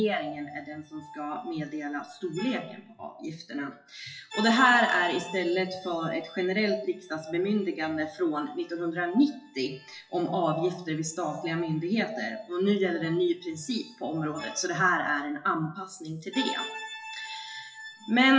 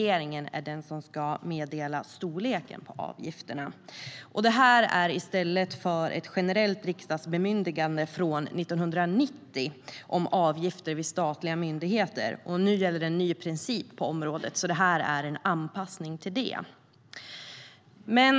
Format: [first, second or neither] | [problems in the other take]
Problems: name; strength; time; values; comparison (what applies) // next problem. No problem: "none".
second | noise reduction (classical method WPE with log-MMSE)